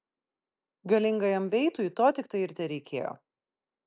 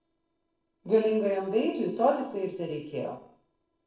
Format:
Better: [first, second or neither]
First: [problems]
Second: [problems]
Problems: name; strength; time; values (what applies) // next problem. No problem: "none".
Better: first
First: none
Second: noise reduction (neural separator model SepFormer DNS4)